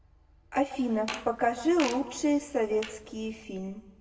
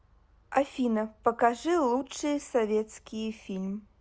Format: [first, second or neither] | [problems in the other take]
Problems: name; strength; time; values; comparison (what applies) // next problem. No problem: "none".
second | background sound (Fart); 13 dB below the speech // room echo; dies away in 0.9 s